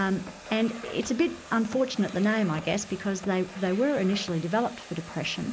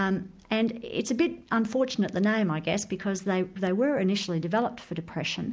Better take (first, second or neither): second